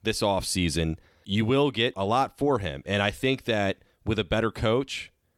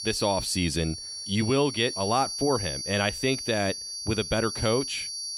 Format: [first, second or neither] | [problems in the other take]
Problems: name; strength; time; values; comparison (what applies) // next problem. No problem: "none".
first | high-pitched whine; loud; throughout; 4.5 kHz, 5 dB below the speech